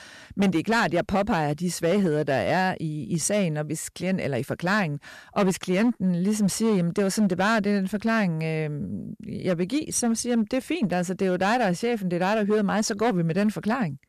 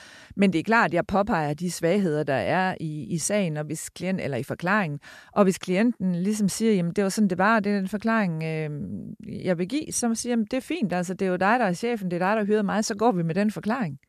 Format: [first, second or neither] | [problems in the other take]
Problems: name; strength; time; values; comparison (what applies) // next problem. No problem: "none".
second | distortion; slight; 7% of the sound clipped